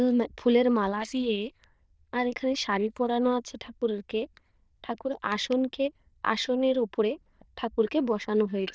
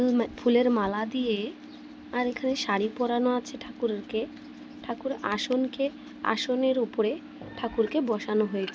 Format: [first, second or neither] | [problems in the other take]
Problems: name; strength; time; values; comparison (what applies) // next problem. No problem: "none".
second | noise reduction (neural diffusion model UNIVERSE++)